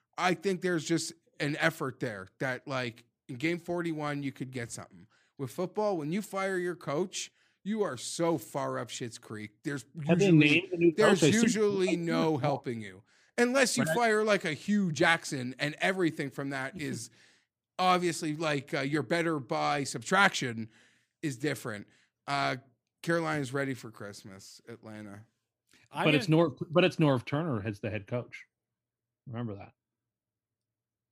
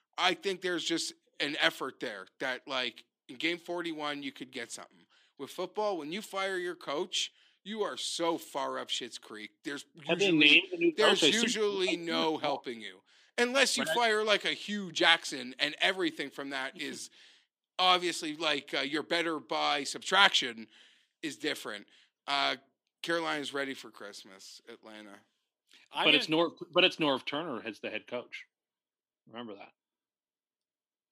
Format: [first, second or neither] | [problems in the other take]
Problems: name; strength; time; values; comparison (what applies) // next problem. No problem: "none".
first | thin; very slightly; fading below 250 Hz